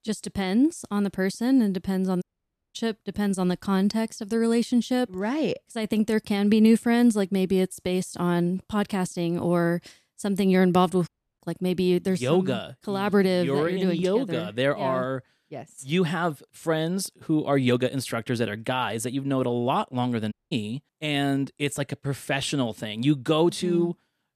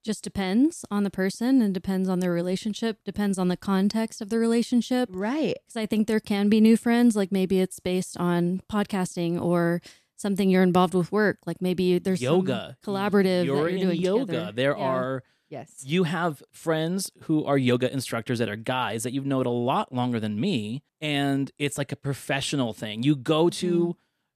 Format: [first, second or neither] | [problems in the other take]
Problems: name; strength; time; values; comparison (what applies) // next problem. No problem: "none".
second | audio cutting out; at 2 s for 0.5 s, at 11 s and at 20 s